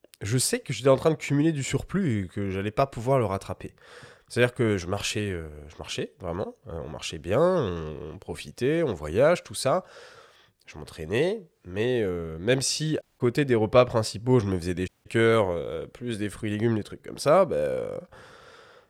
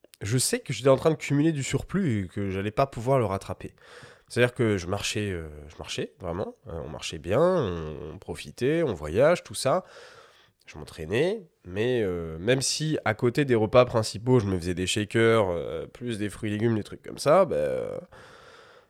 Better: second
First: audio cutting out; at 13 s and at 15 s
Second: none

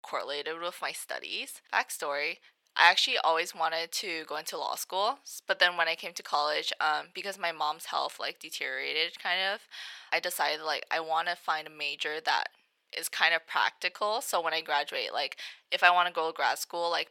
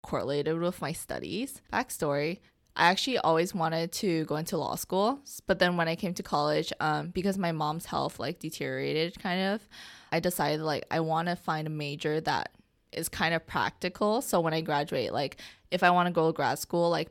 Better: second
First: thin; very; fading below 750 Hz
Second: none

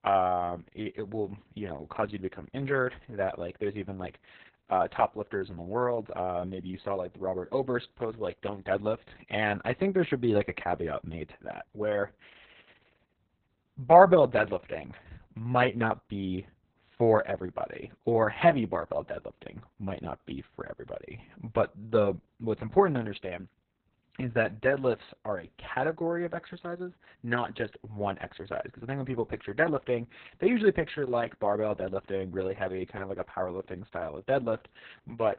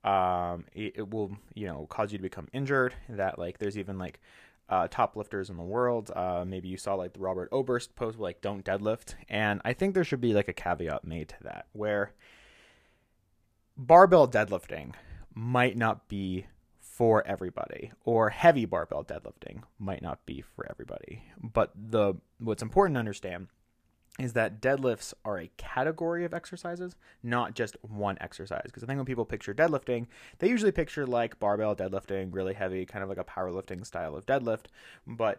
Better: second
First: garbled, watery; badly; nothing above 4 kHz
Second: none

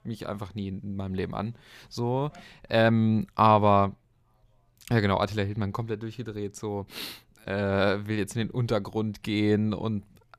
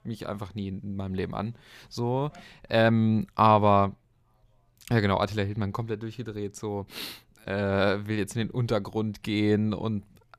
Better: neither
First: none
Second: none

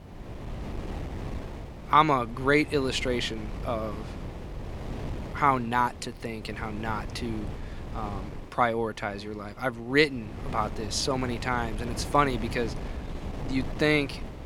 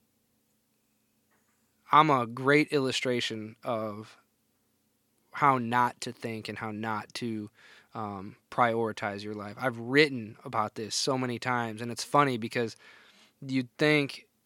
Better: second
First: wind noise on the microphone; occasional gusts; 15 dB below the speech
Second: none

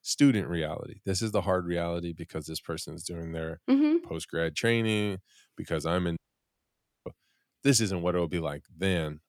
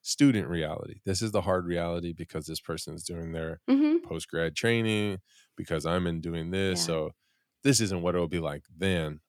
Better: second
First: audio cutting out; at 6 s for 1 s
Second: none

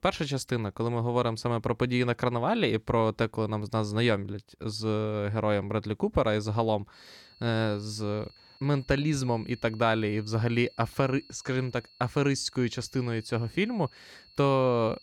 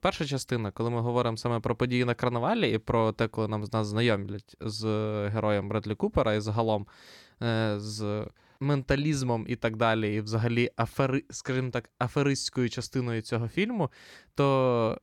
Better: second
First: high-pitched whine; faint; from 7 s on; 4.5 kHz, 25 dB below the speech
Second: none

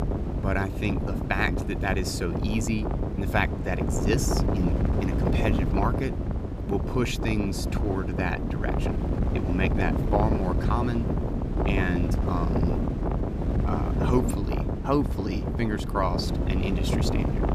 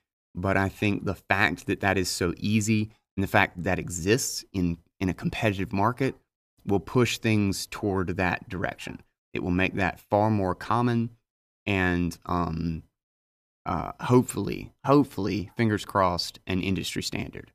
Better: second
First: wind noise on the microphone; heavy; 3 dB below the speech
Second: none

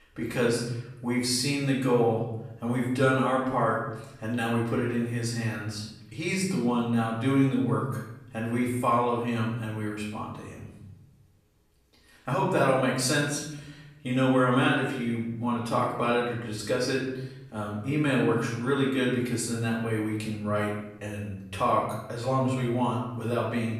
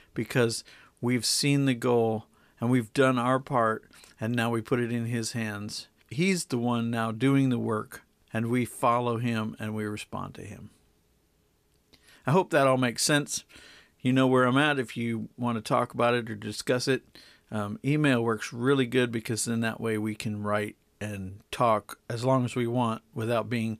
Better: second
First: off-mic speech; far // room echo; noticeable; dies away in 0.9 s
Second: none

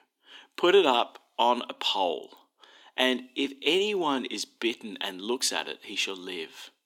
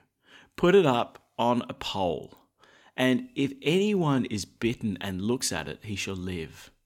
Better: second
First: thin; somewhat; fading below 300 Hz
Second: none

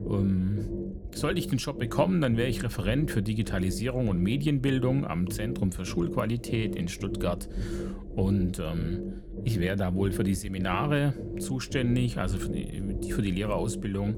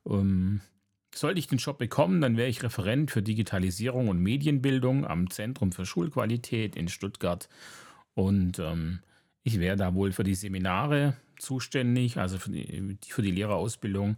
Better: second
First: low rumble; loud; throughout; 9 dB below the speech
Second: none

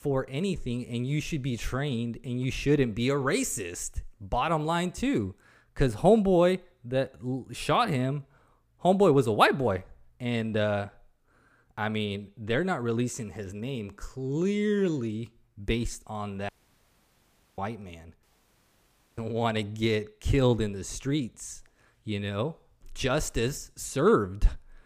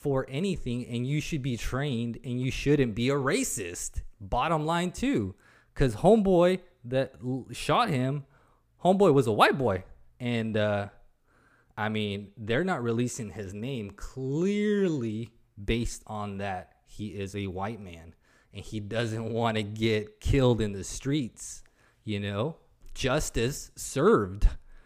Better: second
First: audio cutting out; at 16 s for 1 s and at 18 s for 1 s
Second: none

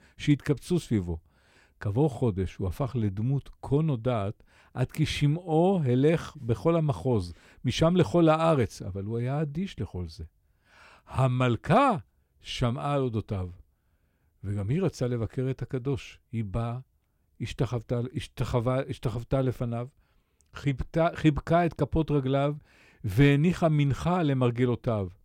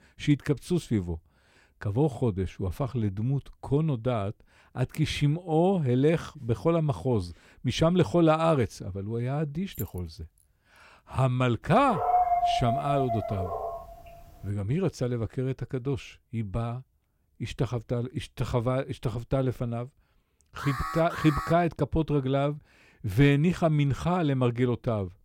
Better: first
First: none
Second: jangling keys; faint; at 9.5 s; peak 15 dB below the speech // dog barking; loud; from 12 to 14 s; peak 4 dB above the speech // alarm; noticeable; at 21 s; peak 6 dB below the speech

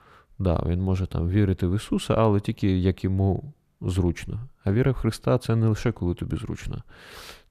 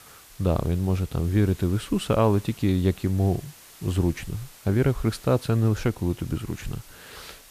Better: first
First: none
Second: hiss; faint; throughout; 20 dB below the speech

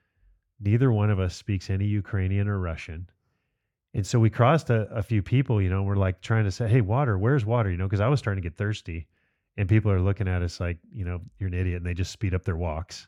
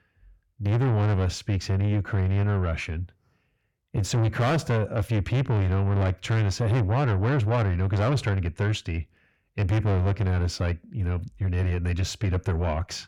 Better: first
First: none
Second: distortion; heavy; 7 dB below the speech

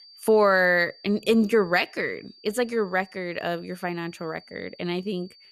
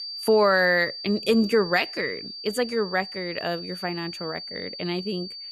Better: first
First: high-pitched whine; faint; throughout; 4.5 kHz, 25 dB below the speech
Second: high-pitched whine; loud; throughout; 4.5 kHz, 10 dB below the speech

